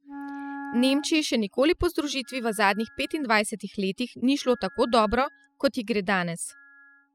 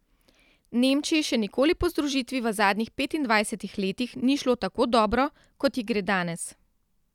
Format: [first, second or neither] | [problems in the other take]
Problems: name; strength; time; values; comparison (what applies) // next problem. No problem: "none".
second | noise reduction (classical method spectral subtraction)